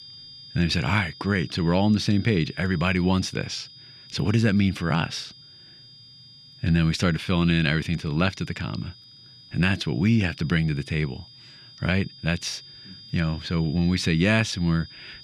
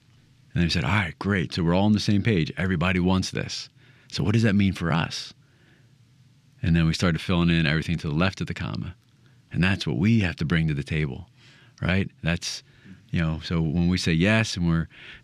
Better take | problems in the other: second | high-pitched whine; noticeable; throughout; 5 kHz, 20 dB below the speech

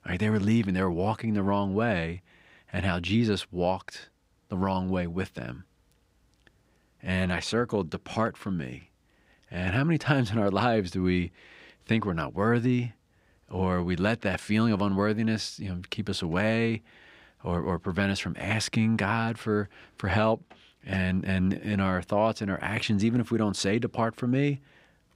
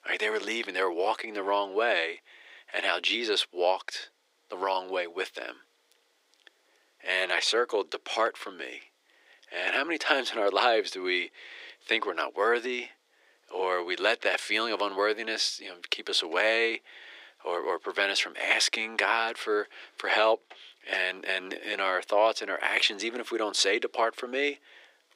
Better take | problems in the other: first | thin; very; fading below 350 Hz

